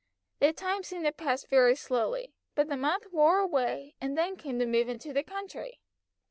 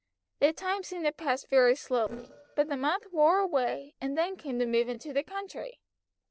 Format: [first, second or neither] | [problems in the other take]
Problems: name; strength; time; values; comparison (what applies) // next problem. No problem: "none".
first | noise reduction (neural separator model SepFormer DNS4)